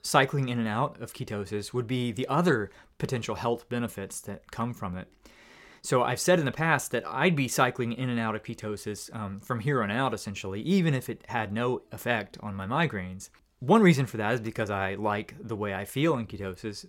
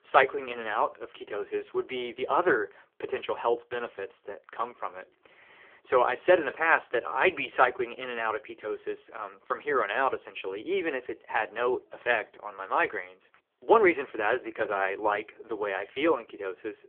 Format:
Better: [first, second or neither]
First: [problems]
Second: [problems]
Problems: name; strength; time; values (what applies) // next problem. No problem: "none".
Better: first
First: none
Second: phone-call audio; poor line